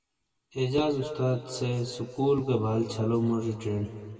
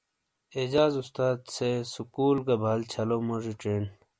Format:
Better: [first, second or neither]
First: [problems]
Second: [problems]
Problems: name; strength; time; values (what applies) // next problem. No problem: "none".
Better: second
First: room echo; dies away in 2.4 s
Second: none